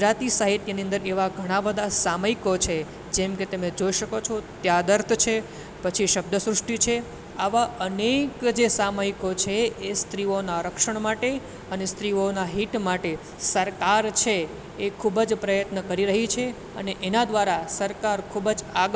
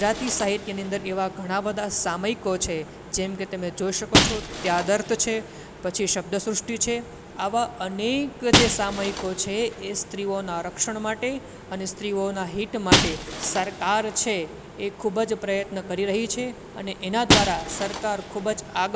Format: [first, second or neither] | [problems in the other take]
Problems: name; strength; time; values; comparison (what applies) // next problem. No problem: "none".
first | background sound (Shatter); 3 dB below the speech